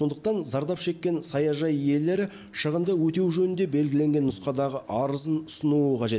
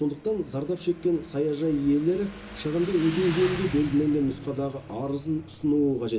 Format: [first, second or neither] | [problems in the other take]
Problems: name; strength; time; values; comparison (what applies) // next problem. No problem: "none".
first | background sound (Motorcycle); 13 dB below the speech // room echo; dies away in 0.2 s